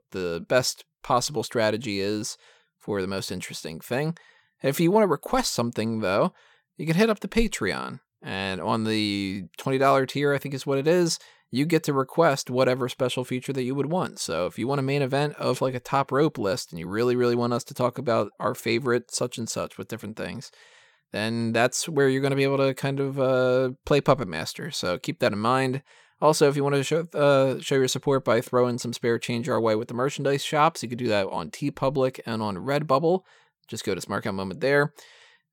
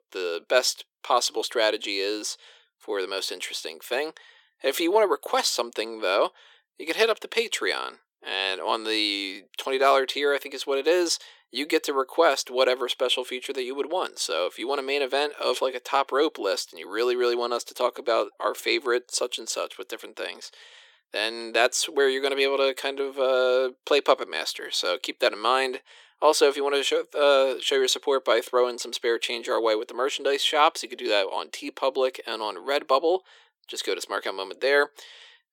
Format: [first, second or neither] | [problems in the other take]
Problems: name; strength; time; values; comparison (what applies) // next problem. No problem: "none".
first | thin; very; fading below 350 Hz